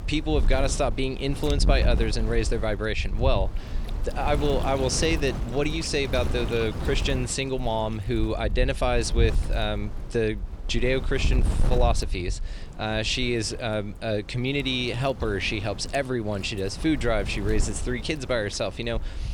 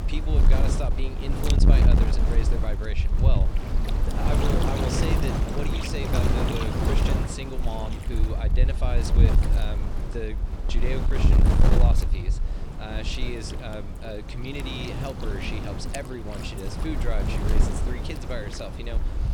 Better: first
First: wind noise on the microphone; occasional gusts; 15 dB below the speech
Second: wind noise on the microphone; heavy; 1 dB above the speech

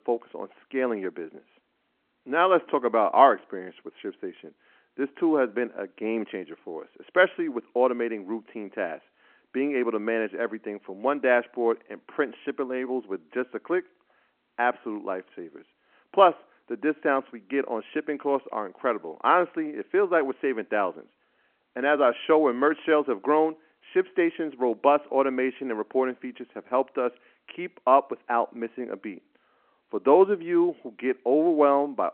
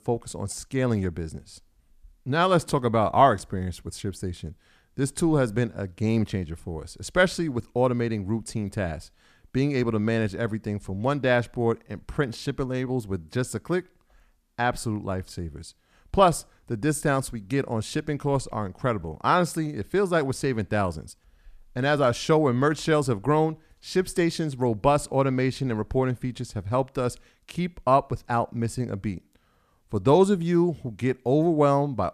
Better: second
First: phone-call audio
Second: none

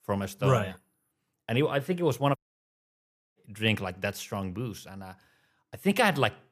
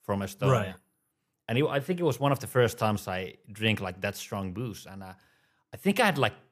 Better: second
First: audio cutting out; at 2.5 s for 1 s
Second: none

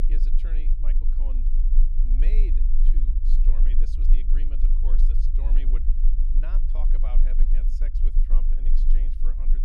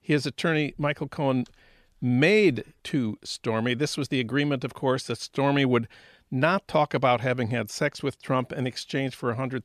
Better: second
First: low rumble; loud; throughout; 2 dB below the speech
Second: none

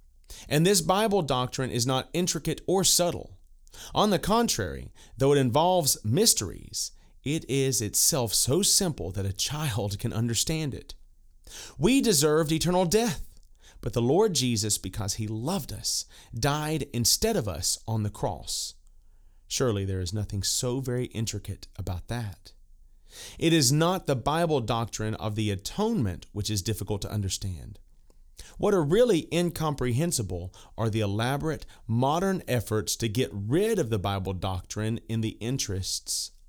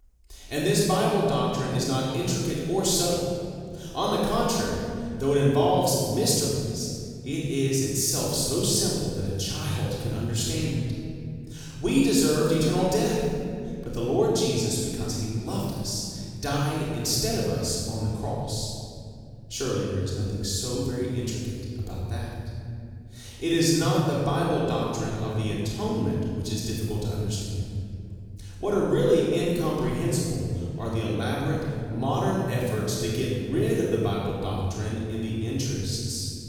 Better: first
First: none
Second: off-mic speech; far // room echo; strong; dies away in 2.5 s

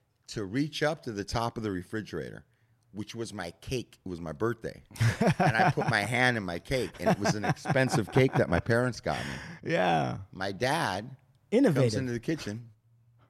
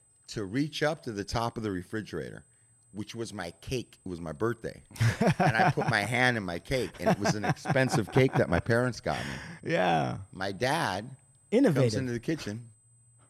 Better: first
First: none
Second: high-pitched whine; faint; throughout; 8 kHz, 35 dB below the speech

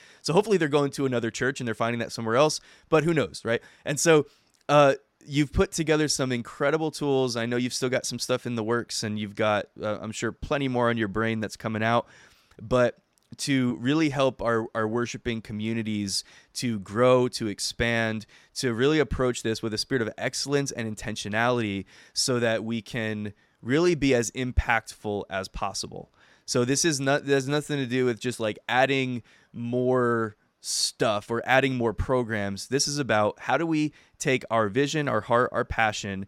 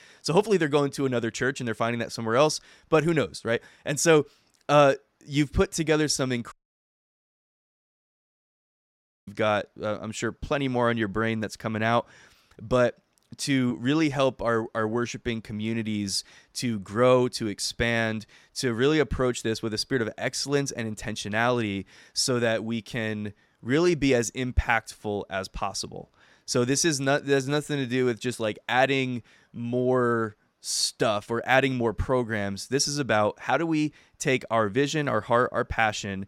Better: first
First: none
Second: audio cutting out; at 6.5 s for 3 s

